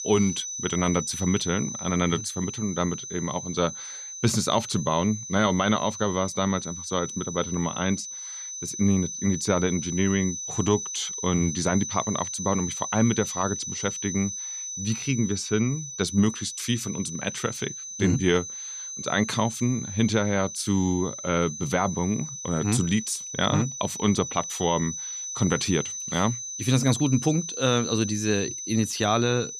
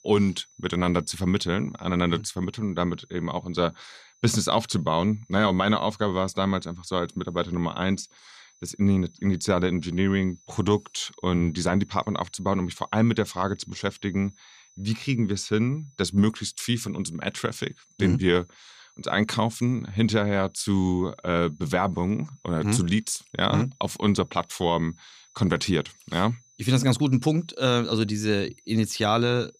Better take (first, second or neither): second